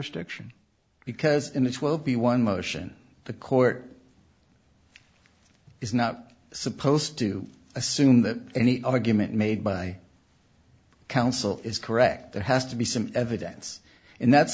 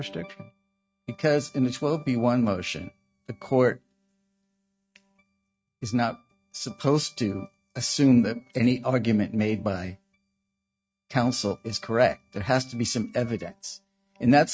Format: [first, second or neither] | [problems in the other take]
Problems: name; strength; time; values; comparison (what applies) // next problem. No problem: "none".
first | noise reduction (neural mask model RNNoise)